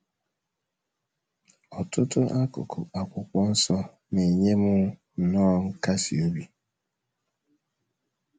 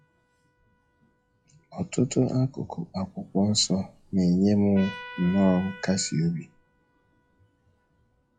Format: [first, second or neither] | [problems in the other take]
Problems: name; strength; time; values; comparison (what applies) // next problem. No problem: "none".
first | noise reduction (classical method log-MMSE)